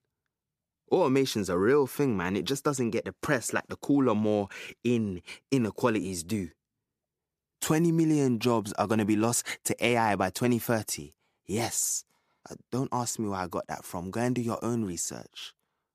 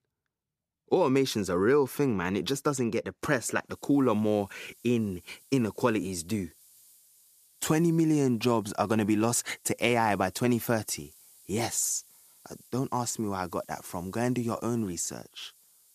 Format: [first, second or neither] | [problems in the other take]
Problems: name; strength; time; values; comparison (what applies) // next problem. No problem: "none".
first | hiss; faint; from 3.5 s on; 25 dB below the speech